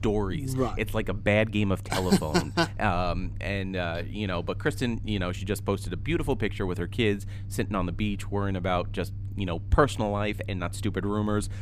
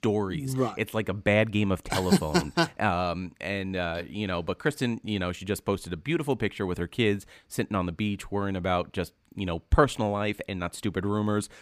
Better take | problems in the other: second | low rumble; faint; throughout; 20 dB below the speech

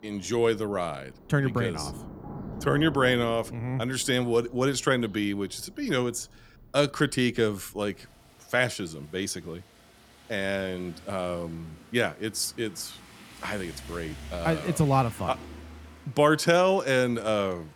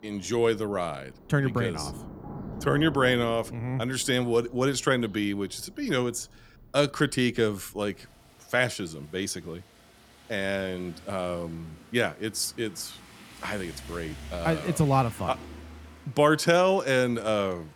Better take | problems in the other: neither | rain or running water; noticeable; throughout; 20 dB below the speech; the same in both

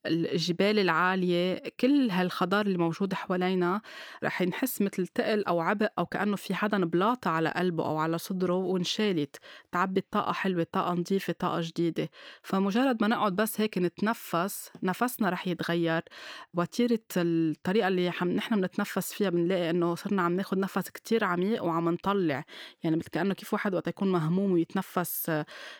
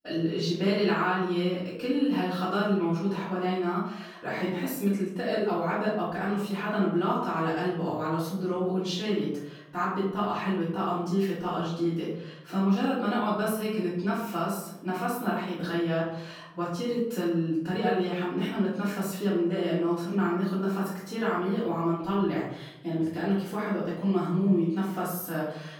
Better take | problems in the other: first | off-mic speech; far // room echo; noticeable; dies away in 0.7 s

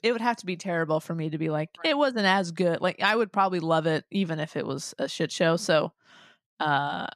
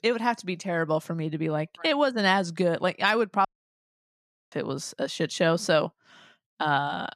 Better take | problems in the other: first | audio cutting out; at 3.5 s for 1 s

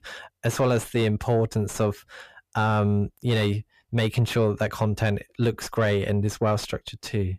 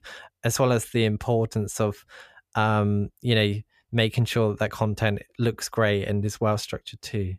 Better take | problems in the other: second | distortion; slight; 10 dB below the speech

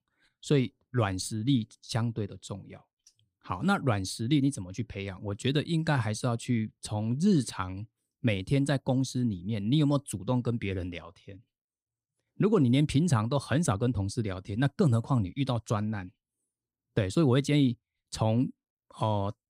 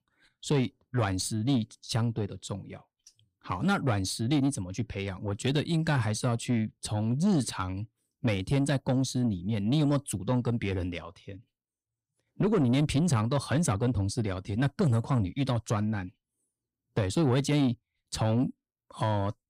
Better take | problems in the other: first | distortion; slight; 10 dB below the speech

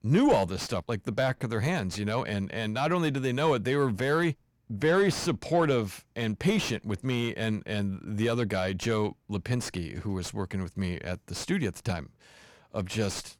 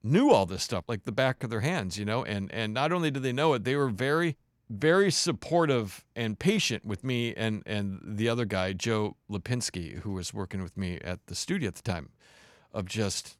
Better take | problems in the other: second | distortion; slight; 10 dB below the speech

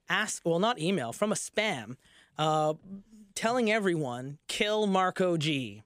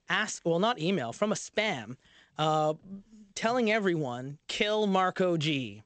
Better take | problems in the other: first | garbled, watery; slightly; nothing above 8 kHz

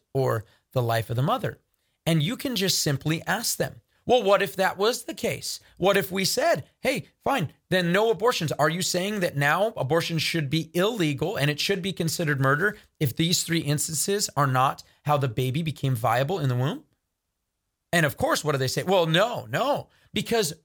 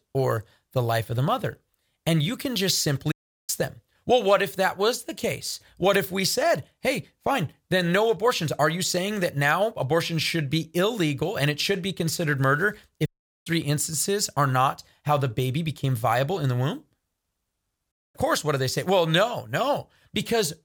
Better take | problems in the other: first | audio cutting out; at 3 s, at 13 s and at 18 s

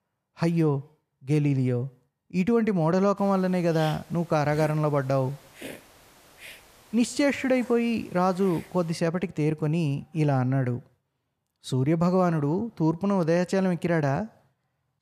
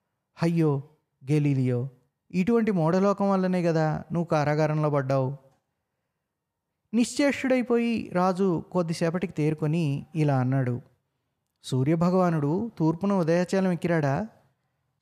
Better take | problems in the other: second | hiss; faint; from 3 to 9 s; 20 dB below the speech

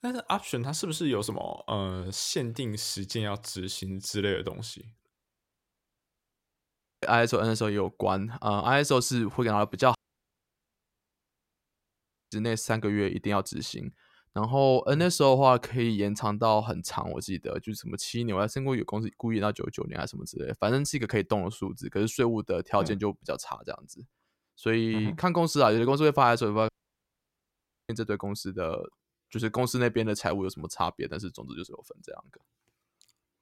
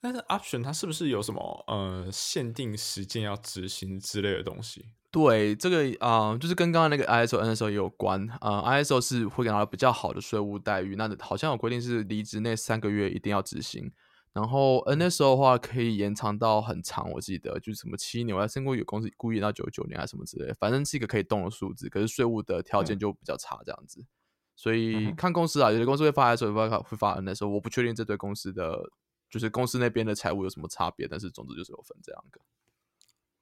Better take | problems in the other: second | audio cutting out; at 5 s for 2 s, at 10 s for 2.5 s and at 27 s for 1 s

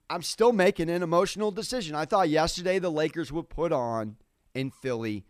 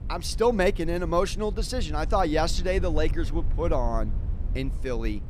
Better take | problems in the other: first | low rumble; faint; throughout; 20 dB below the speech

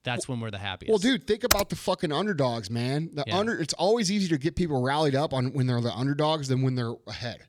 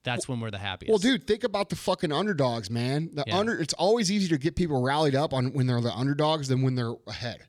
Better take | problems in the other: second | keyboard typing; loud; at 1.5 s; peak 2 dB above the speech

